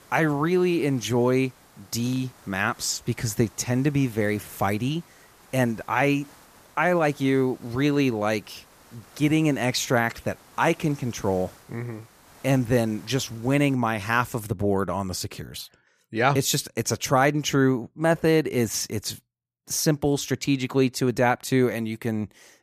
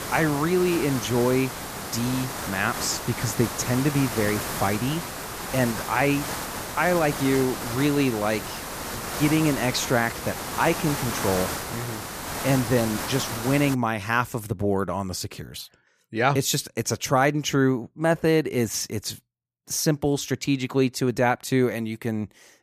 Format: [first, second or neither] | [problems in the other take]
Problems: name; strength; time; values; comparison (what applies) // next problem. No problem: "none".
first | hiss; loud; until 14 s; 6 dB below the speech; faint in the first